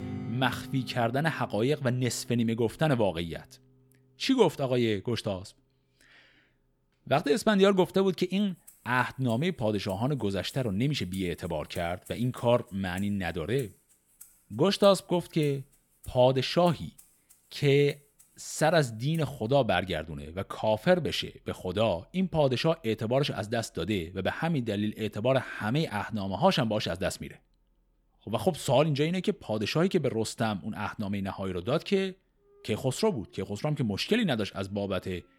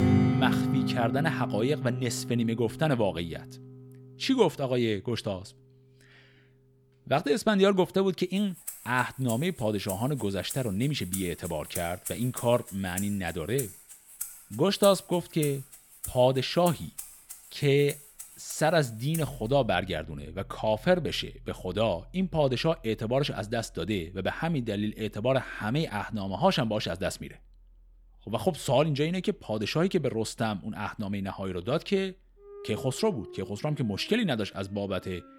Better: first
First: background music; faint; throughout; 25 dB below the speech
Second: background music; loud; throughout; 8 dB below the speech

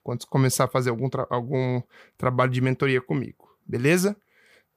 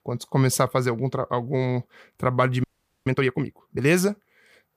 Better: first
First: none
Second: audio freezing; at 2.5 s

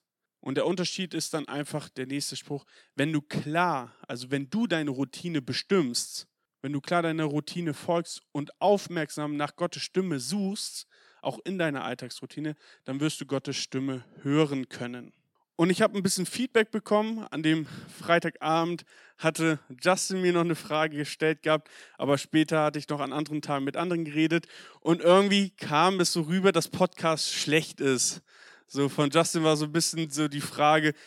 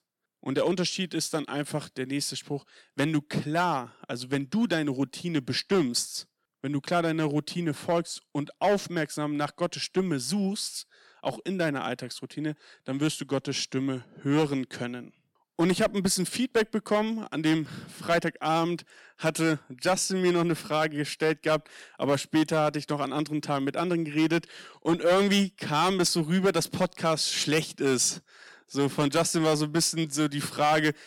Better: first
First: none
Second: distortion; slight; 4% of the sound clipped

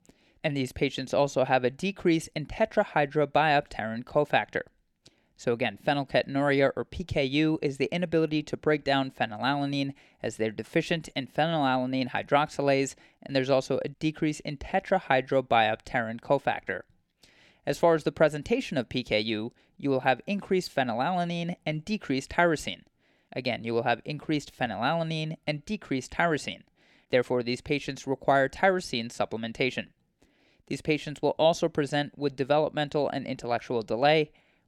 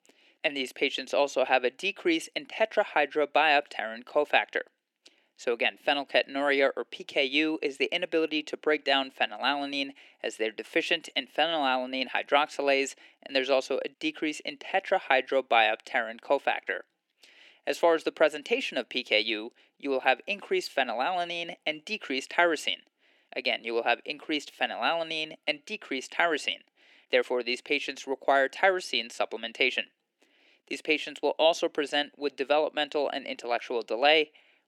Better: first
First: none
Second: thin; somewhat; fading below 300 Hz

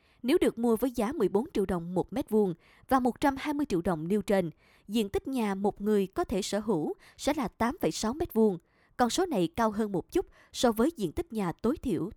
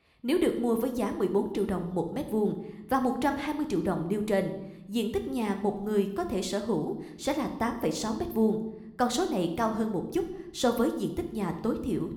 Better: first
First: none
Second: room echo; slight; dies away in 0.7 s

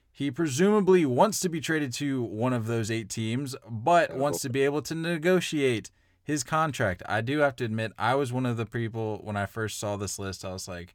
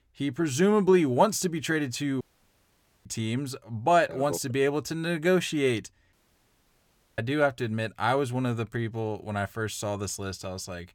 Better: first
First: none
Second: audio cutting out; at 2 s for 1 s and at 6 s for 1 s

